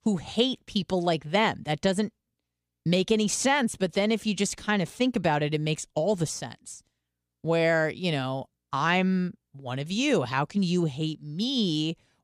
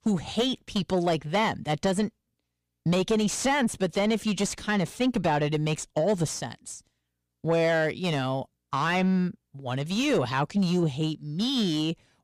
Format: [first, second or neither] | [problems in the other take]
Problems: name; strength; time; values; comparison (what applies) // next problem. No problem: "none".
first | distortion; slight; 10 dB below the speech